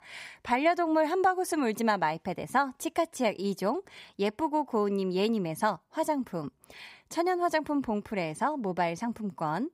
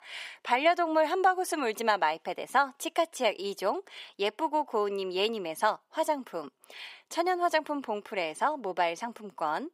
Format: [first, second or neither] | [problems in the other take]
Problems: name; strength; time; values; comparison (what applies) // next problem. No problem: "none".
first | thin; somewhat; fading below 450 Hz